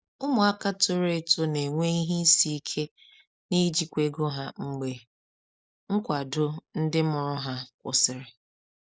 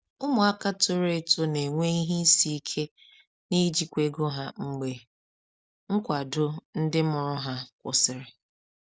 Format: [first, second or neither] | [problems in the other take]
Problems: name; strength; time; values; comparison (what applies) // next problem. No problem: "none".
second | noise reduction (neural mask model Resemble Enhance denoiser)